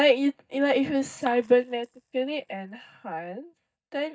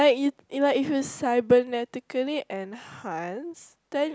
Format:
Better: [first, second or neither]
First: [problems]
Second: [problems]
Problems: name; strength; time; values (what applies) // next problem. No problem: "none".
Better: second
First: noise reduction (neural mask model DeepFilterNet 3)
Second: none